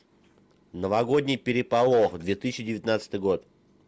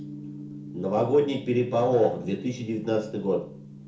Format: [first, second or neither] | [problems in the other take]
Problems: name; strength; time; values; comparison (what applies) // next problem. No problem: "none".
first | background sound (Gong); 14 dB below the speech // room echo; dies away in 0.5 s